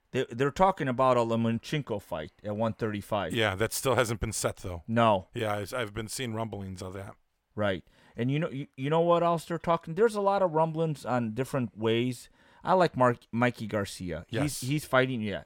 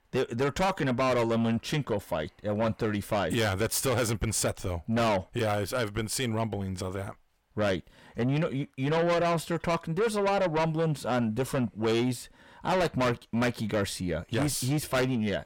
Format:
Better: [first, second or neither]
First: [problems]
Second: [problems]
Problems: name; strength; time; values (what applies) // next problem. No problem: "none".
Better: first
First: none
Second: distortion; heavy; 6 dB below the speech